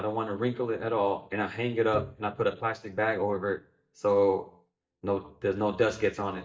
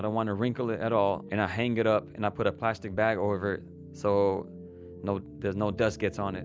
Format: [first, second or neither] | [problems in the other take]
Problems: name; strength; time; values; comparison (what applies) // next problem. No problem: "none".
second | noise reduction (neural mask model DeepFilterNet 3)